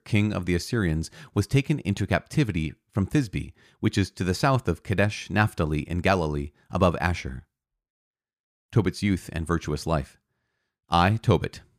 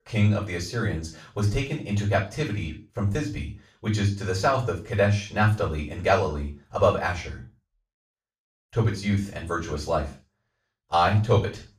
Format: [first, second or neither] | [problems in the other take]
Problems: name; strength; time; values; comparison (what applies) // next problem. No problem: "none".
first | room echo; slight; dies away in 0.3 s // off-mic speech; far